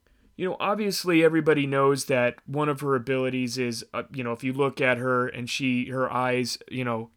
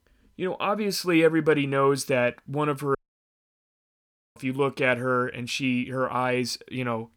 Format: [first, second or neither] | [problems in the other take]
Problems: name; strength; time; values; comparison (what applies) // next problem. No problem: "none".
first | audio cutting out; at 3 s for 1.5 s